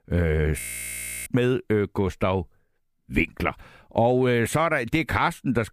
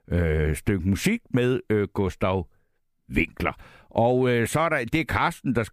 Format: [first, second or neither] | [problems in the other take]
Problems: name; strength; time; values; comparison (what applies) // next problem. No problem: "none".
second | audio freezing; at 0.5 s for 0.5 s